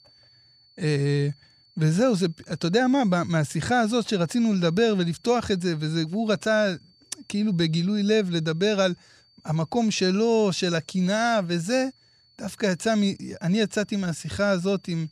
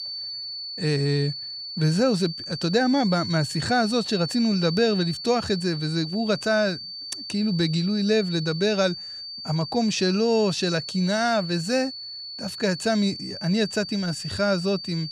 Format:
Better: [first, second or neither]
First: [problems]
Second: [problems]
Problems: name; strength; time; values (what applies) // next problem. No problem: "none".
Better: first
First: high-pitched whine; faint; throughout; 4.5 kHz, 30 dB below the speech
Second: high-pitched whine; loud; throughout; 4.5 kHz, 8 dB below the speech